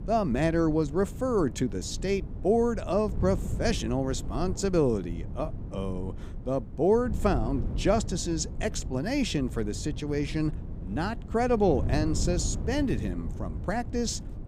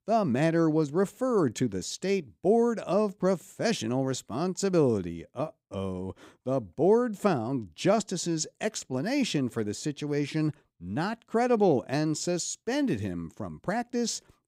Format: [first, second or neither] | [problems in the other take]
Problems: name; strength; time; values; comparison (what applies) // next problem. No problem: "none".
second | wind noise on the microphone; occasional gusts; 15 dB below the speech